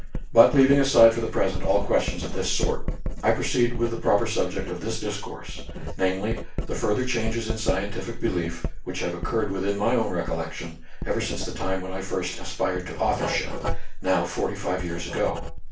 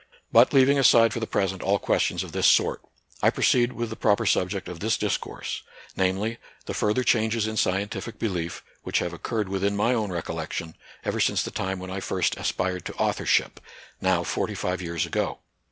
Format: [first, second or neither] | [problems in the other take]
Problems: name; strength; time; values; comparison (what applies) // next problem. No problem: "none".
second | background sound (Writing); 3 dB below the speech // room echo; dies away in 0.3 s